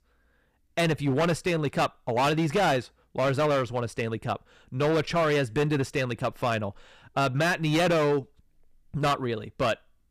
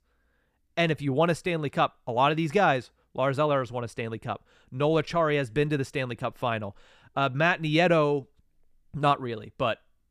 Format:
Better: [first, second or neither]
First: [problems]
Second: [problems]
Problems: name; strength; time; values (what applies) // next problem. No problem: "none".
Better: second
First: distortion; heavy; 11% of the sound clipped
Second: none